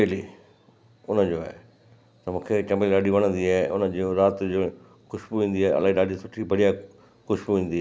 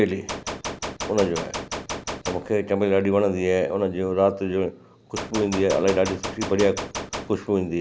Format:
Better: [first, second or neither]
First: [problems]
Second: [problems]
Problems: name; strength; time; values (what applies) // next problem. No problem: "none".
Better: first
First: none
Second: background sound (Gunshot, gunfire); 8 dB below the speech